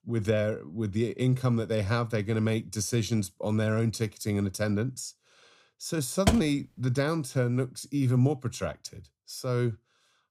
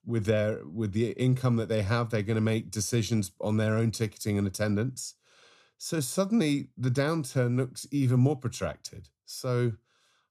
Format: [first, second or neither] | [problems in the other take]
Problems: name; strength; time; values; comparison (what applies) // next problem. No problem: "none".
second | door banging; loud; at 6.5 s; peak level with the speech